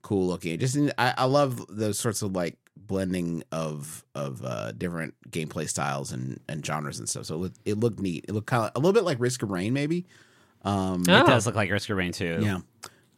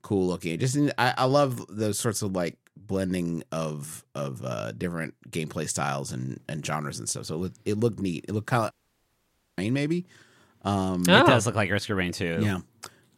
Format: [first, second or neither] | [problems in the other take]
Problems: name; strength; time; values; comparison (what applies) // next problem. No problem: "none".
first | audio cutting out; at 8.5 s for 1 s